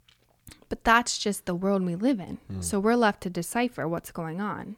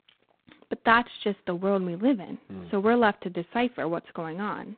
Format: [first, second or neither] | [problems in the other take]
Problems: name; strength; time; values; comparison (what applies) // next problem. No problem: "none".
first | phone-call audio; poor line; nothing above 4 kHz